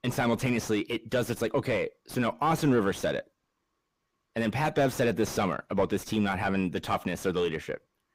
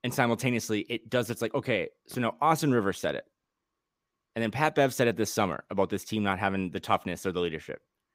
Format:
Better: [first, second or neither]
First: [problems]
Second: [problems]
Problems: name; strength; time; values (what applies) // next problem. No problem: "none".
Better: second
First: distortion; heavy; 7 dB below the speech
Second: none